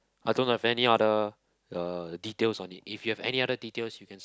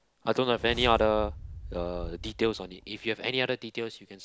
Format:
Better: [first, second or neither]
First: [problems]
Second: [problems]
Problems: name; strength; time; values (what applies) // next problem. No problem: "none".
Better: first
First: none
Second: background sound (Wind / Bird + Whoosh, swoosh, swish); 12 dB below the speech